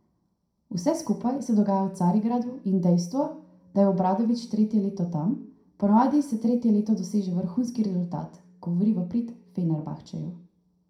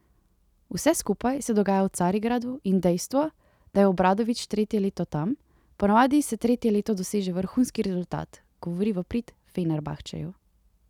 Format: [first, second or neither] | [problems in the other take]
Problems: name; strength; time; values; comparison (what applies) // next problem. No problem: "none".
second | room echo; dies away in 0.5 s